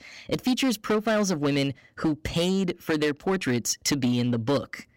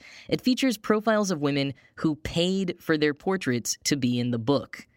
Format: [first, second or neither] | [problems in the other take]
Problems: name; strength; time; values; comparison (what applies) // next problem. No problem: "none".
second | distortion; slight; 10% of the sound clipped